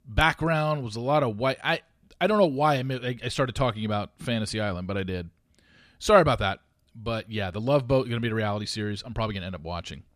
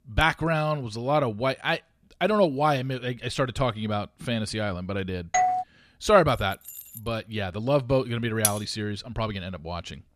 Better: first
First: none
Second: doorbell; loud; at 5.5 s; peak 3 dB above the speech // jangling keys; faint; at 6.5 s; peak 15 dB below the speech // clattering dishes; very faint; at 8.5 s; peak level with the speech

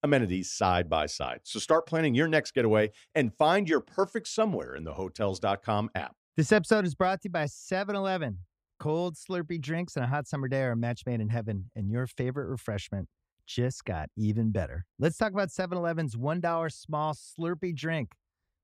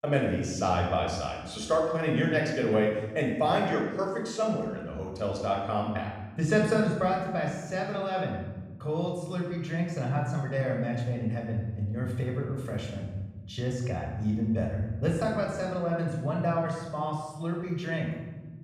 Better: first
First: none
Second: off-mic speech; somewhat distant // room echo; noticeable; dies away in 1.2 s

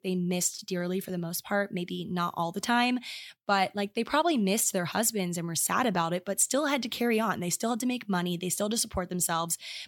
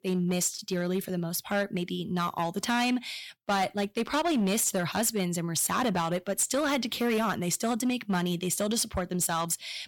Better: first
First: none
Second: distortion; slight; 9% of the sound clipped

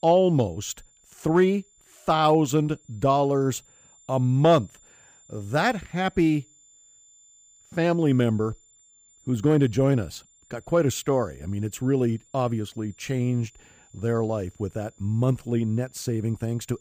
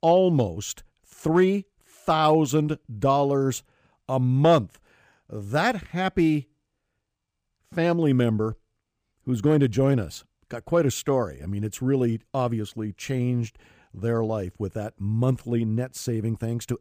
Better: second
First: high-pitched whine; faint; throughout; 7 kHz, 30 dB below the speech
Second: none

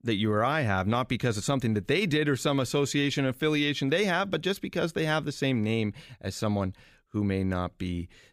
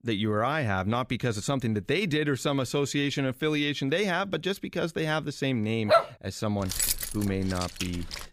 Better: first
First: none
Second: dog barking; loud; at 6 s; peak 5 dB above the speech // jangling keys; loud; from 6.5 s on; peak 2 dB above the speech

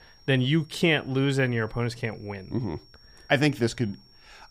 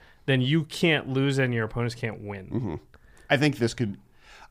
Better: second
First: high-pitched whine; faint; throughout; 5.5 kHz, 30 dB below the speech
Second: none

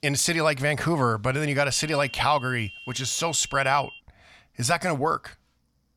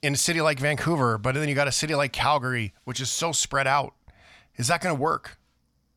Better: second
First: high-pitched whine; noticeable; from 1.5 to 4 s; 3 kHz, 15 dB below the speech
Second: none

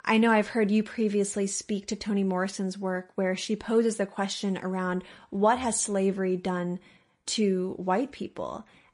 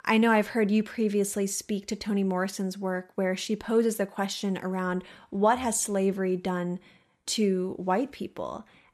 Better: second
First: garbled, watery; slightly; nothing above 10.5 kHz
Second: none

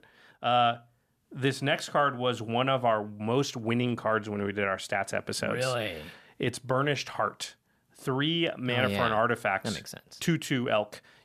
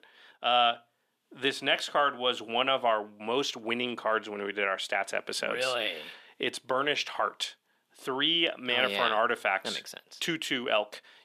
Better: first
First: none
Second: thin; somewhat; fading below 350 Hz

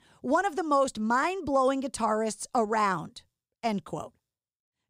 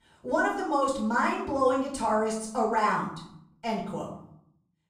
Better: first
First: none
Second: room echo; noticeable; dies away in 0.6 s // off-mic speech; far

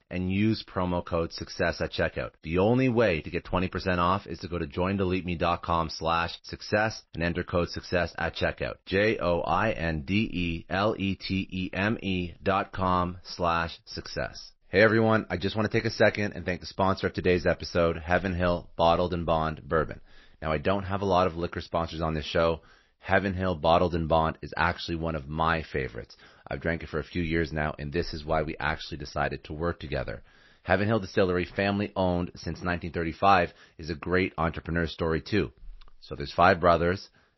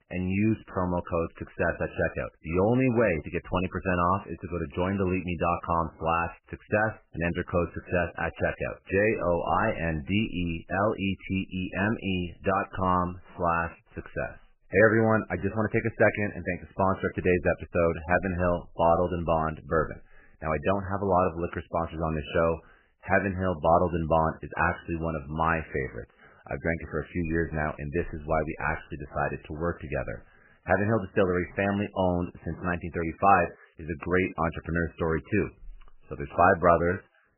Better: first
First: garbled, watery; slightly; nothing above 5.5 kHz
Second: garbled, watery; badly; nothing above 3 kHz

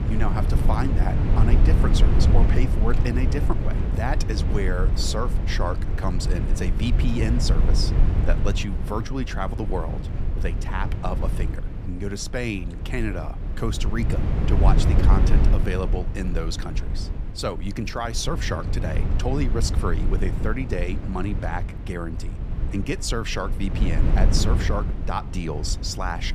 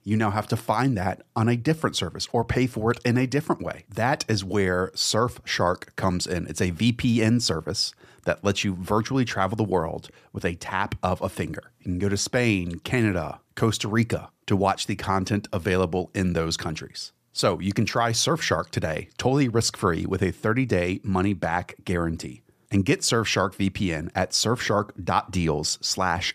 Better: second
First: low rumble; loud; throughout; 6 dB below the speech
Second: none

